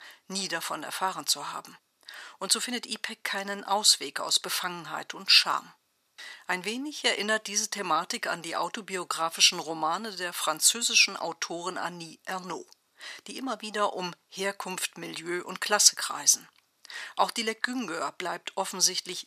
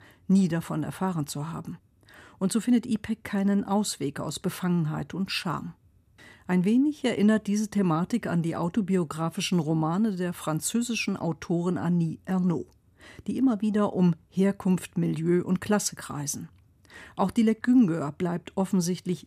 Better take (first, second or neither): second